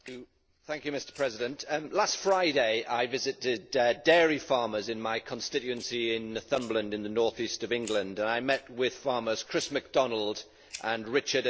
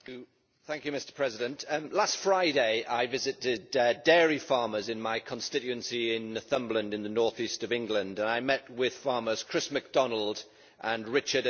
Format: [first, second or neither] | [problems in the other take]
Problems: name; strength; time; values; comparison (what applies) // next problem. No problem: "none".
second | noise reduction (neural separator model SepFormer DNS4)